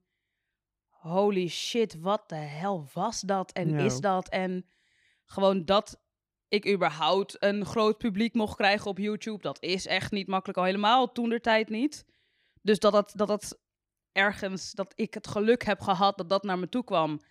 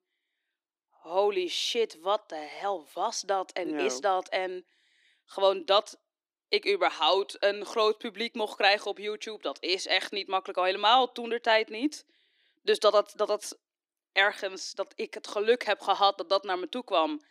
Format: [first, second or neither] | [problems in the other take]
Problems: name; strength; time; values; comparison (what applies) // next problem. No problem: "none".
first | thin; somewhat; fading below 300 Hz